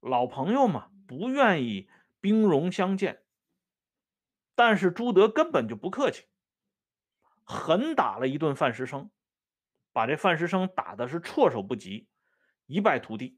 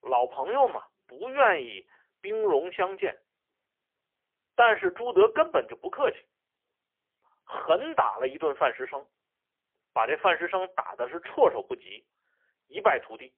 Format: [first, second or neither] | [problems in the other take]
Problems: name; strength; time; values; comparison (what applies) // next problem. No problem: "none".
first | phone-call audio; poor line; nothing above 3 kHz